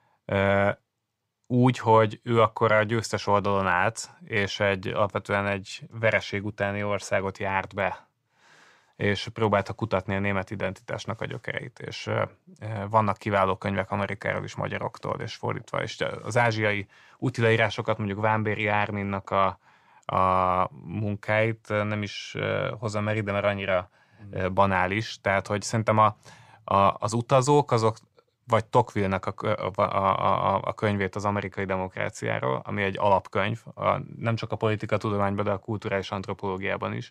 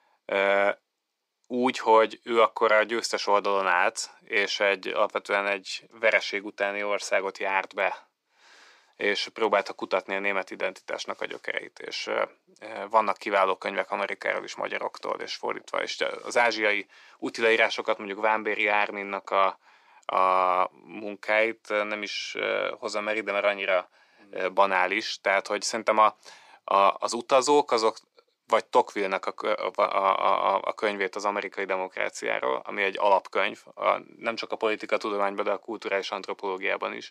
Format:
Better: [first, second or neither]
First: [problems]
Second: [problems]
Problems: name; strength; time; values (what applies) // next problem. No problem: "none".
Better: first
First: none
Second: thin; somewhat; fading below 300 Hz